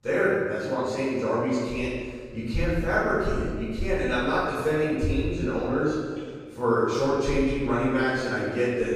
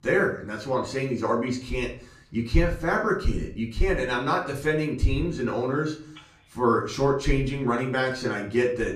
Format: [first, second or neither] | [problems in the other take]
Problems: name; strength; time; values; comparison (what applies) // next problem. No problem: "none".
second | room echo; strong; dies away in 1.5 s; slight in the second // off-mic speech; far; far in the second